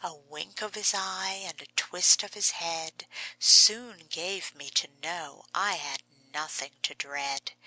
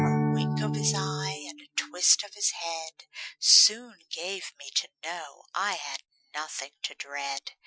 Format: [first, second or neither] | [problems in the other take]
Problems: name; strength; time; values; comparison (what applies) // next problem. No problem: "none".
first | noise reduction (classical method Wiener filter)